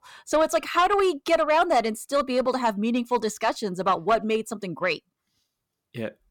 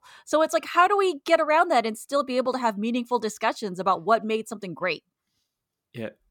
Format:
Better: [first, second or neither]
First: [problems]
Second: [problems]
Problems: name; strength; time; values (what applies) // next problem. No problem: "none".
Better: second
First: distortion; slight; 10 dB below the speech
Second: none